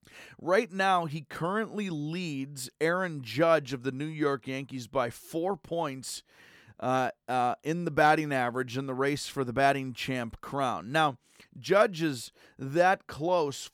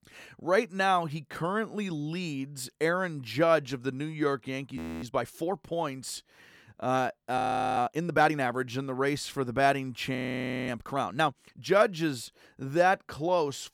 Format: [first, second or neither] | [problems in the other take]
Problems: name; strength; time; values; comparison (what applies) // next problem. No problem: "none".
first | audio freezing; at 5 s, at 7.5 s and at 10 s for 0.5 s